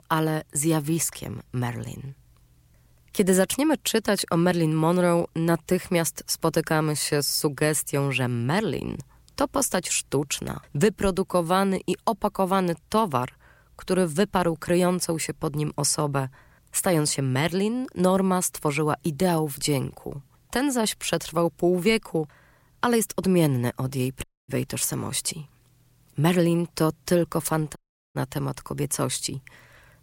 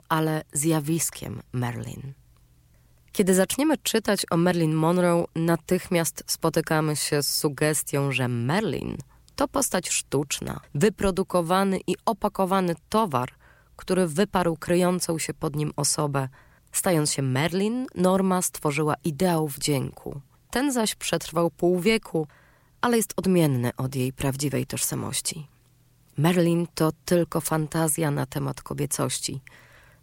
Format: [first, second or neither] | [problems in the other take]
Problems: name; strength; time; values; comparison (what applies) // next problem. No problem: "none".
second | audio cutting out; at 24 s and at 28 s